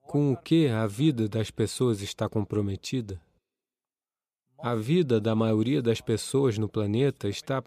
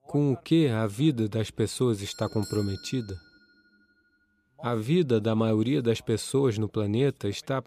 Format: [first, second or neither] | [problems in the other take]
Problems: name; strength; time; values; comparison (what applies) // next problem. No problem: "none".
first | doorbell; faint; from 2 to 3.5 s; peak 15 dB below the speech